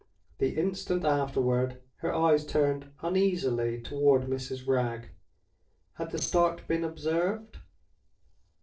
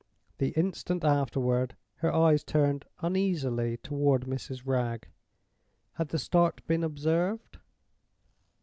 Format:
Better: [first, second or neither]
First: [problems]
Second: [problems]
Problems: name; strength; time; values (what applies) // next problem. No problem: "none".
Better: second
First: noise reduction (neural separator model SepFormer DNS4)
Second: none